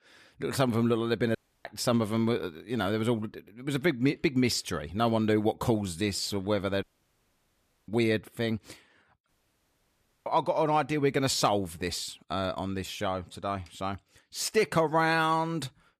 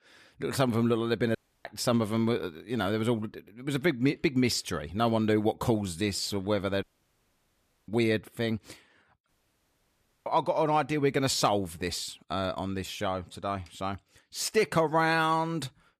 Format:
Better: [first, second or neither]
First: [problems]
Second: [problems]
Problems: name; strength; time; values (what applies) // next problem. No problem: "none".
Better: neither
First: audio cutting out; at 1.5 s, at 7 s for 1 s and at 9.5 s for 1 s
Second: audio cutting out; at 1.5 s, at 7 s for 1 s and at 9.5 s for 1 s